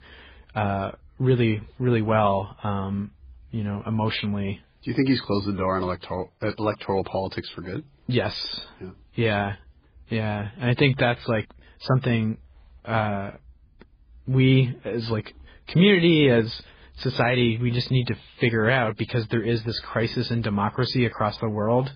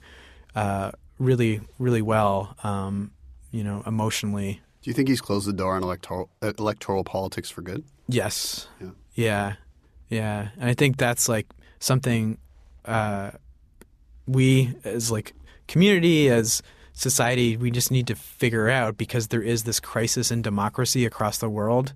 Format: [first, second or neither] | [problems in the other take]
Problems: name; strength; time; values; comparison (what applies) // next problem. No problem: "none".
second | garbled, watery; badly; nothing above 5 kHz